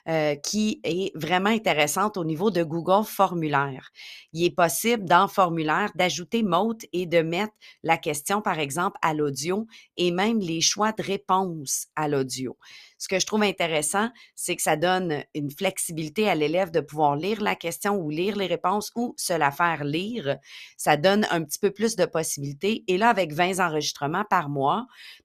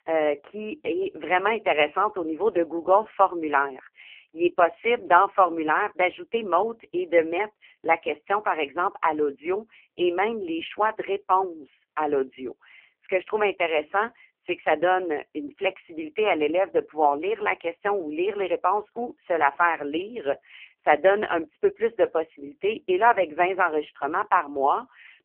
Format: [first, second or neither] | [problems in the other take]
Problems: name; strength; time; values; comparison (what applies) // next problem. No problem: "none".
first | phone-call audio; poor line; nothing above 3 kHz